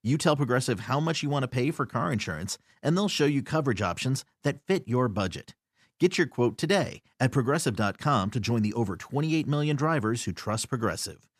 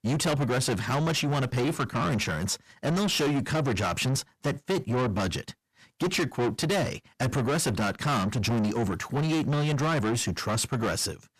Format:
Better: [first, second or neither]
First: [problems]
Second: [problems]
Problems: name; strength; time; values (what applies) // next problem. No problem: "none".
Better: first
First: none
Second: distortion; heavy; 6 dB below the speech